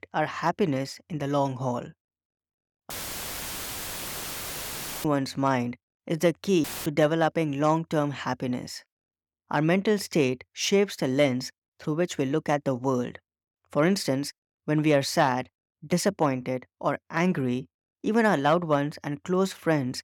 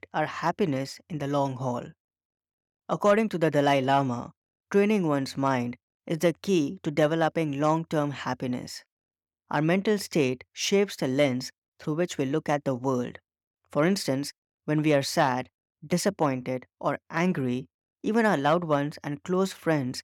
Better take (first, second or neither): second